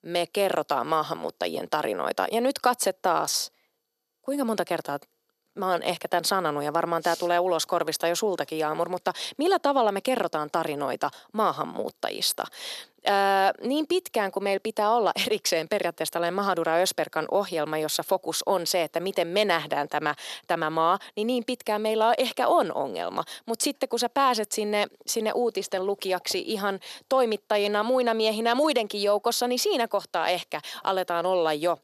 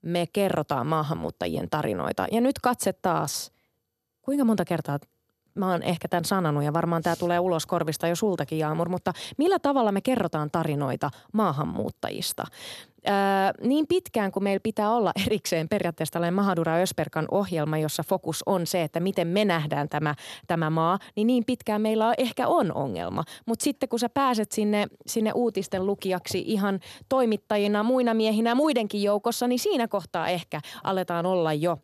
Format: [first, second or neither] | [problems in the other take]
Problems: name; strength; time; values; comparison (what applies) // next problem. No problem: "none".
second | thin; somewhat; fading below 400 Hz